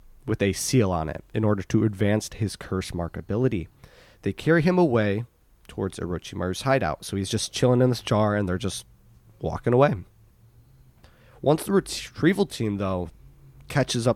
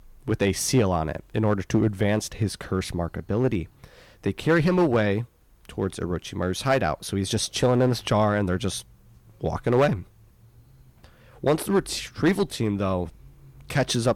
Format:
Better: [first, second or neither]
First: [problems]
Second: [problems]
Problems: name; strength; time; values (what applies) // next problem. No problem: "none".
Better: first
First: none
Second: distortion; slight; 4% of the sound clipped